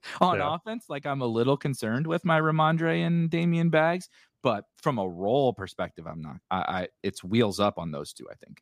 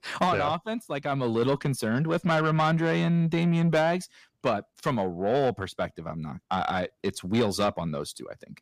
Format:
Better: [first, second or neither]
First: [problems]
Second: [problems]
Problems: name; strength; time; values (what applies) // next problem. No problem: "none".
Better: first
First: none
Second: distortion; slight; 10 dB below the speech